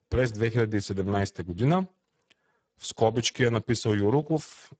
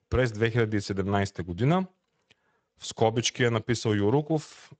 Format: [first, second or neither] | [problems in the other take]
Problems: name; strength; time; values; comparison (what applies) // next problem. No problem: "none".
second | garbled, watery; badly; nothing above 7.5 kHz; slightly in the second